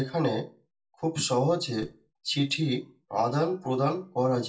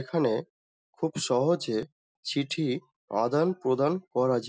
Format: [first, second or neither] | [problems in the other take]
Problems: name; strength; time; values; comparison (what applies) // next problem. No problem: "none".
second | room echo; dies away in 0.2 s